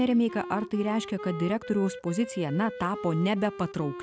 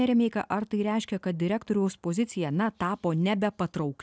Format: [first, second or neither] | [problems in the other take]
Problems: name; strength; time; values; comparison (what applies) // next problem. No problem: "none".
second | background sound (Wind instrument, woodwind instrument); 12 dB below the speech